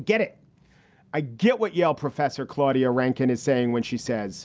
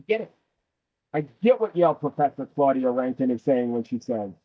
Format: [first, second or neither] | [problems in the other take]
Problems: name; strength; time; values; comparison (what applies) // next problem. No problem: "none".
first | noise reduction (neural mask model DeepFilterNet 3)